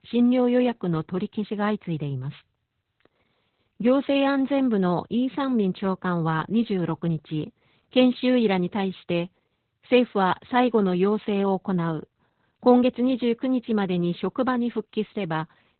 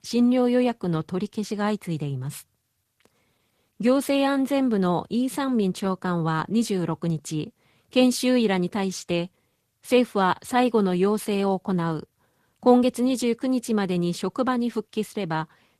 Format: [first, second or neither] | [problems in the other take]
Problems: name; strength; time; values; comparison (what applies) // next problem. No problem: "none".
second | garbled, watery; badly; nothing above 4 kHz; slightly in the second